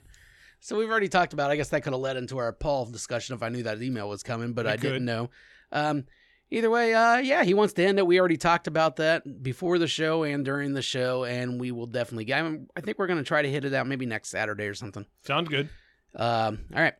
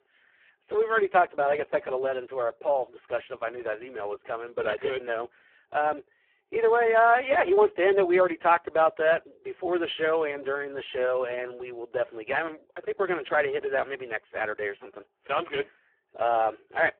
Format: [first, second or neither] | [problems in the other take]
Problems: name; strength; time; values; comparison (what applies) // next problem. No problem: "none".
first | phone-call audio; poor line